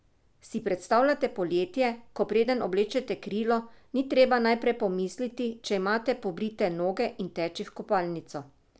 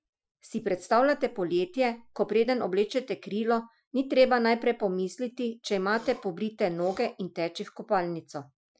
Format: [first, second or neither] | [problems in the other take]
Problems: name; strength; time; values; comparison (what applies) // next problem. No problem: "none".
first | noise reduction (classical method Wiener filter)